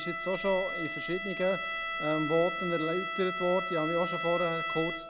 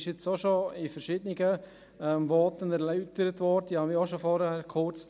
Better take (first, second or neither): second